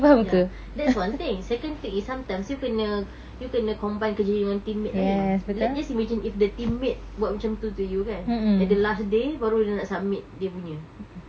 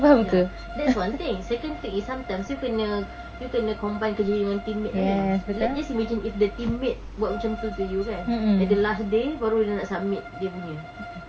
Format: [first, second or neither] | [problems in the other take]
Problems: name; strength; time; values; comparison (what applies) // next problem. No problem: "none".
first | background sound (Bowed string instrument); 15 dB below the speech